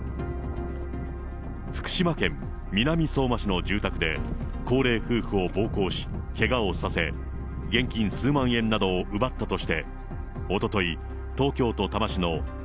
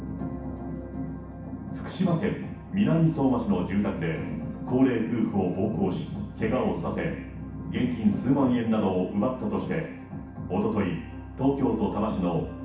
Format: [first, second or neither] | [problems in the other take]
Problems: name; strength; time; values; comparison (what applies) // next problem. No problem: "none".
first | room echo; dies away in 0.7 s